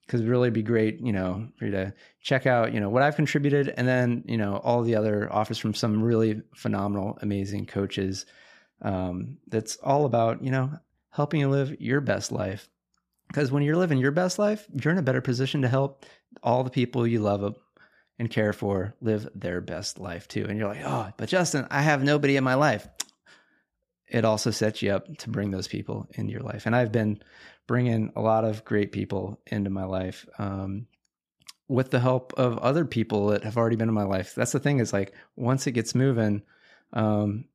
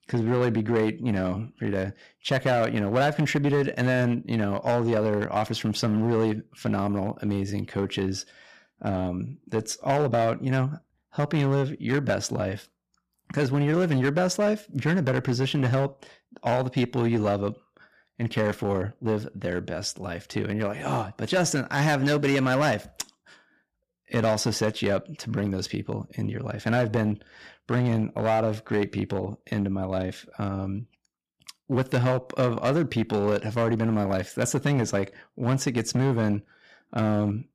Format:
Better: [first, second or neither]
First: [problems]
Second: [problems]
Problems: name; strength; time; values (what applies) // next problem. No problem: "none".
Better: first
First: none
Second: distortion; slight; 6% of the sound clipped